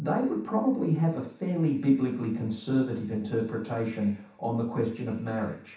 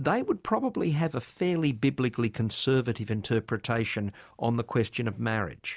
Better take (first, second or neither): second